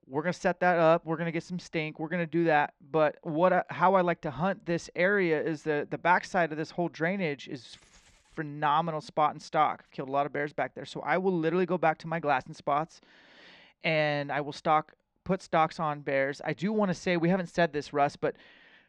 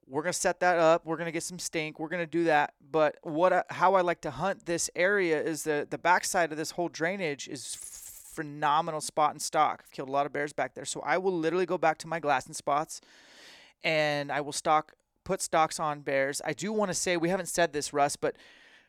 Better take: second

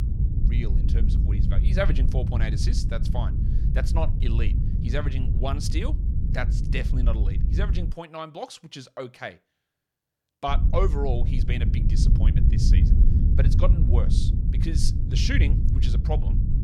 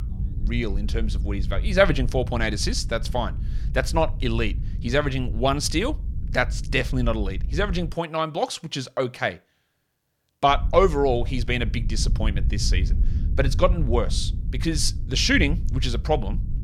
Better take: second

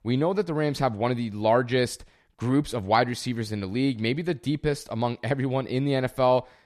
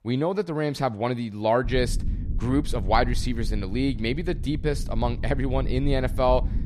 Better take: first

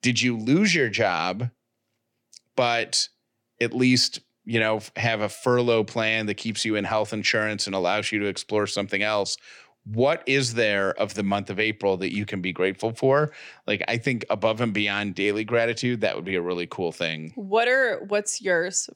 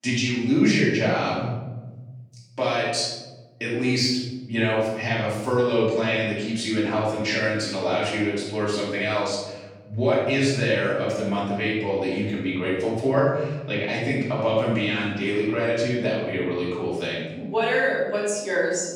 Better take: first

